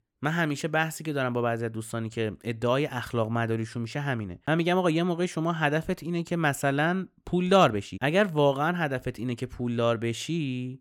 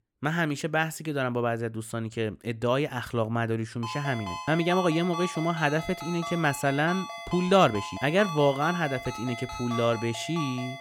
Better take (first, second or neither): first